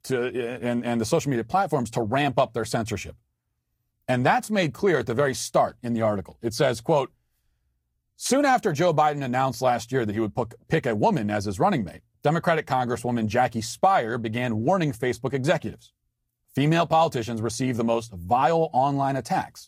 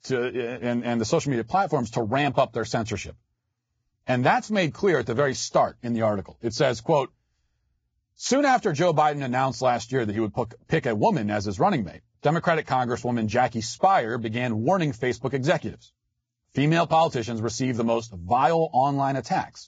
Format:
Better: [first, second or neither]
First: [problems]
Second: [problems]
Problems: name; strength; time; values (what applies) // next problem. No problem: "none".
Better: first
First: garbled, watery; slightly; nothing above 15 kHz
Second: garbled, watery; badly; nothing above 7.5 kHz